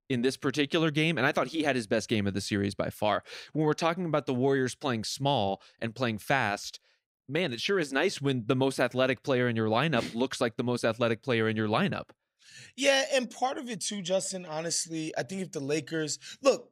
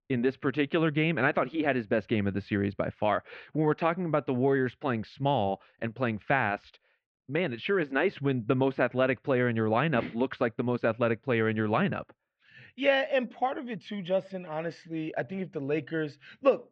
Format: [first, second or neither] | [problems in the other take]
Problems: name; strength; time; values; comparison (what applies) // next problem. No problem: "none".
first | muffled; very; fading above 2.5 kHz